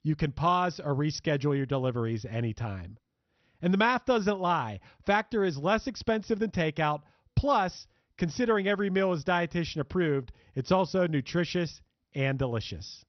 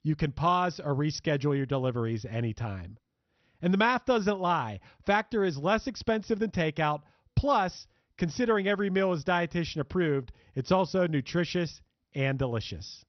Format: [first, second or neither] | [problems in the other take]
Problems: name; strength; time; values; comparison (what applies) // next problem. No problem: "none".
neither | garbled, watery; slightly; nothing above 6 kHz; the same in both